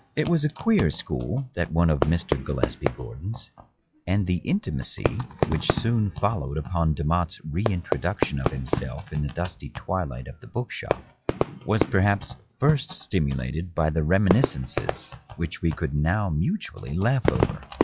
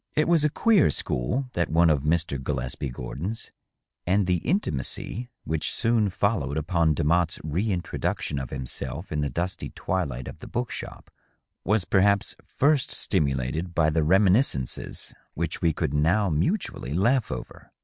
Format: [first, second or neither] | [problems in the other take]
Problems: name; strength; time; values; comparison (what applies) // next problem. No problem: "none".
second | noise reduction (classical method log-MMSE)